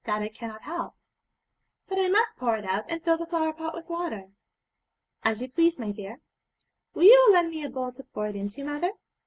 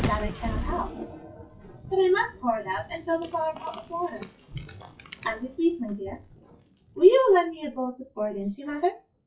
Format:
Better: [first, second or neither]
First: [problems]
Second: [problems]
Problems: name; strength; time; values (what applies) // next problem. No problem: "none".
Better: first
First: none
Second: noise reduction (classical method WPE with log-MMSE)